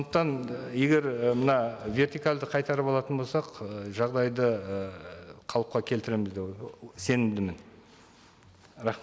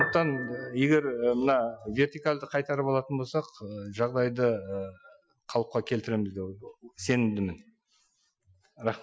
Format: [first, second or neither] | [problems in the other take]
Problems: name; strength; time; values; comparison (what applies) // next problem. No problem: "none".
first | noise reduction (classical method Wiener filter)